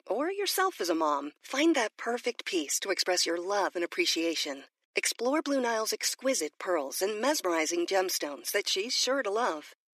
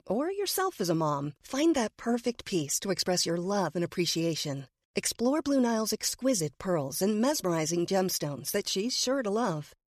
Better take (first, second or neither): second